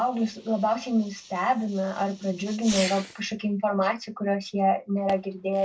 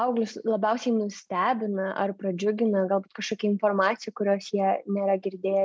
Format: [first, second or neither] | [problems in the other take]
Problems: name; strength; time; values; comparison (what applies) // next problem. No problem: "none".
second | background sound (Fireworks); 16 dB below the speech // room echo; dies away in 0.1 s